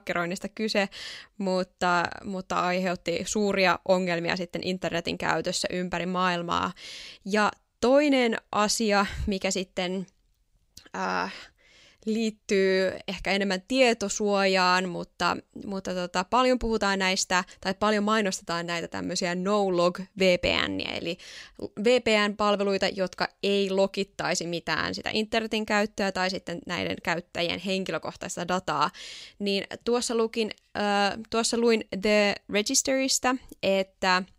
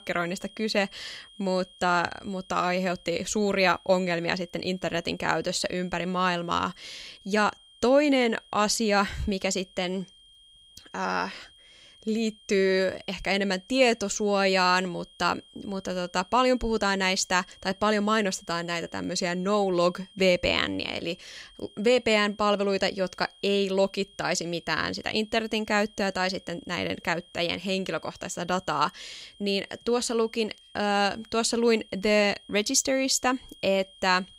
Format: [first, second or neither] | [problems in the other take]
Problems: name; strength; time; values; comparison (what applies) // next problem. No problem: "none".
first | high-pitched whine; faint; throughout; 3 kHz, 25 dB below the speech